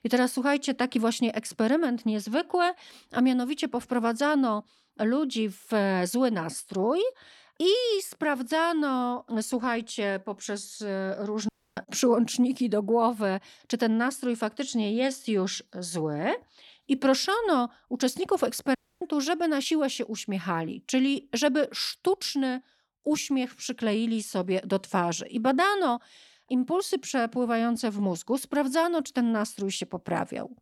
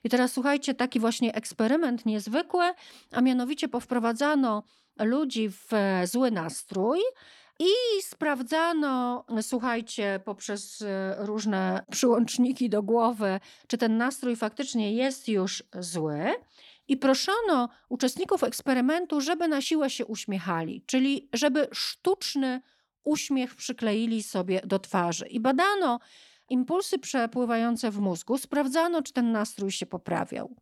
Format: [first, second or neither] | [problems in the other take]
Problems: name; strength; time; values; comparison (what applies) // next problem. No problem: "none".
second | audio cutting out; at 11 s and at 19 s